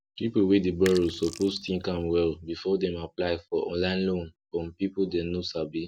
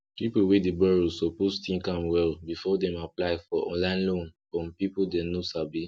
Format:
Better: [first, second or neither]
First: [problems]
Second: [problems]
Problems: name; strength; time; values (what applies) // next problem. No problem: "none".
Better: second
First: background sound (Sink (filling or washing)); 15 dB below the speech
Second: none